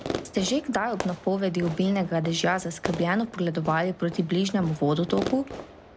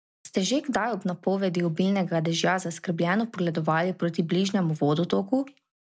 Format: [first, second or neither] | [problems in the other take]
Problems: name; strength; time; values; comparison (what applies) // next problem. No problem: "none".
second | background sound (Fireworks); 11 dB below the speech